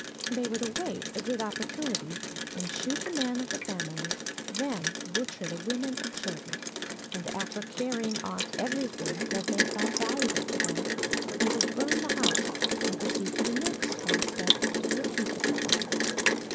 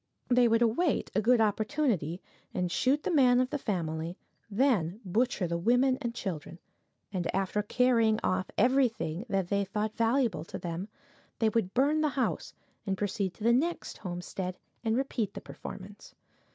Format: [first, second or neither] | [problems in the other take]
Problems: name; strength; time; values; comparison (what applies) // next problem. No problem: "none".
second | background sound (Rain); 4 dB above the speech